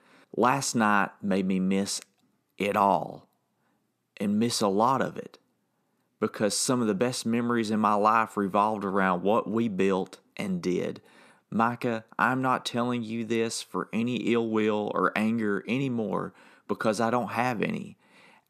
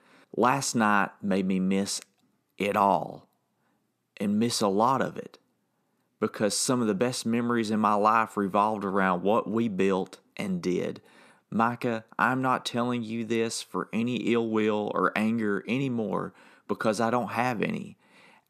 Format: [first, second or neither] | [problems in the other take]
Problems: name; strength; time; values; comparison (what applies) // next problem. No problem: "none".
neither | none